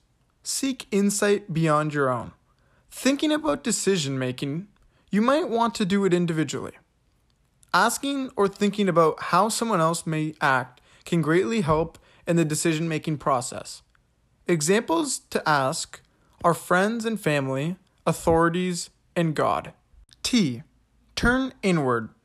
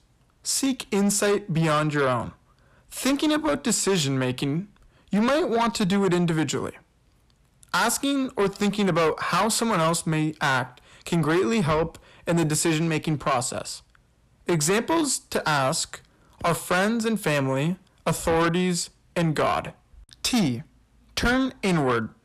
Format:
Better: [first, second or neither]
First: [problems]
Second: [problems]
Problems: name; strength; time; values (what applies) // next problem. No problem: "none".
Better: first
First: none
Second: distortion; heavy; 8 dB below the speech